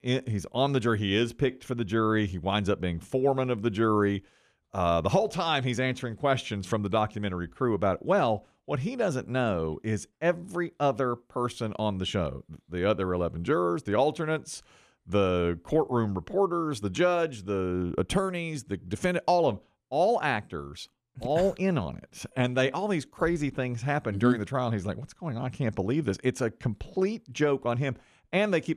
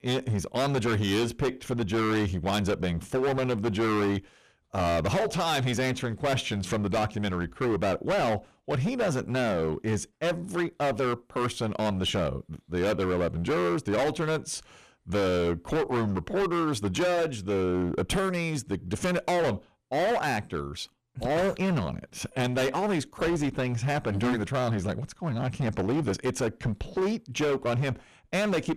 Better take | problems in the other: first | distortion; heavy; 21% of the sound clipped

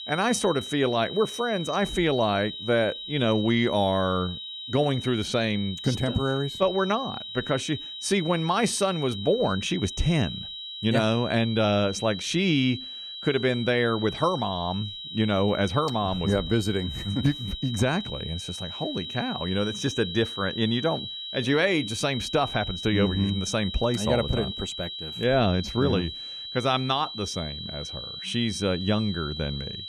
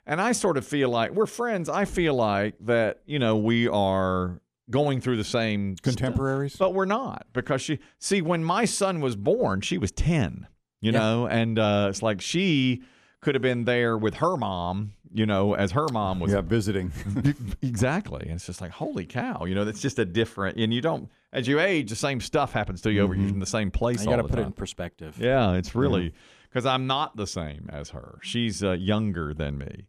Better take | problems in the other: second | high-pitched whine; loud; throughout; 4 kHz, 8 dB below the speech

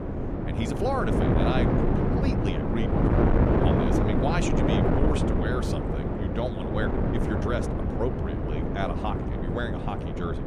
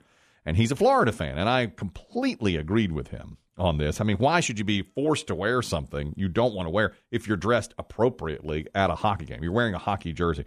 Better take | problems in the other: second | wind noise on the microphone; heavy; 3 dB above the speech

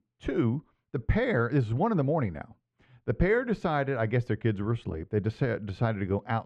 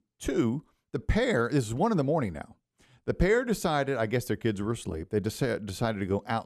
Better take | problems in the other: second | muffled; slightly; fading above 2.5 kHz

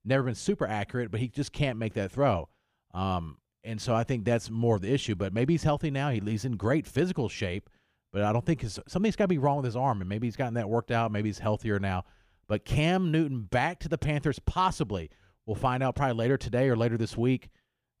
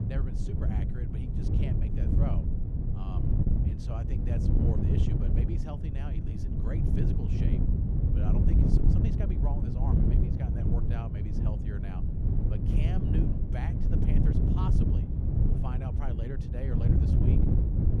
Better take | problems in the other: first | wind noise on the microphone; heavy; 5 dB above the speech

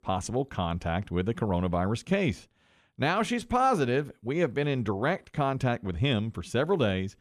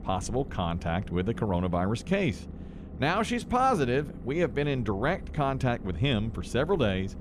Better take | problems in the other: first | low rumble; noticeable; throughout; 20 dB below the speech

